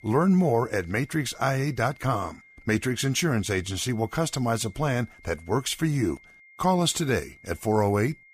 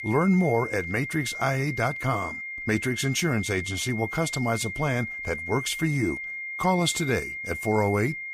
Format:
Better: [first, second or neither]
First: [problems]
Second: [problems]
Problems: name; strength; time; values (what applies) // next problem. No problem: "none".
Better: first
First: high-pitched whine; faint; throughout; 2 kHz, 25 dB below the speech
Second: high-pitched whine; loud; throughout; 2 kHz, 6 dB below the speech